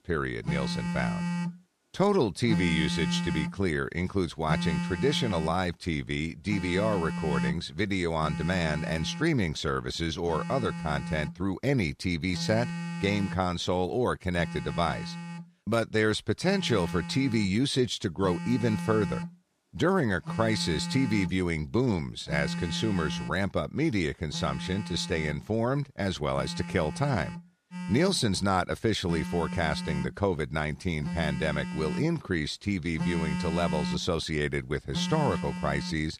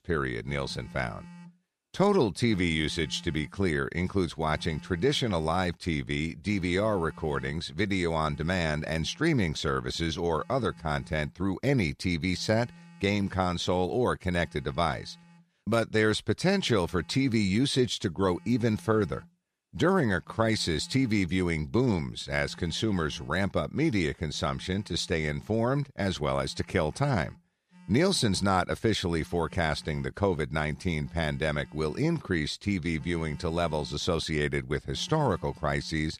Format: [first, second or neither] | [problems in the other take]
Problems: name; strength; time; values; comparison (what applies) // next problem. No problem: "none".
second | alarms or sirens; loud; throughout; 6 dB below the speech; faint in the second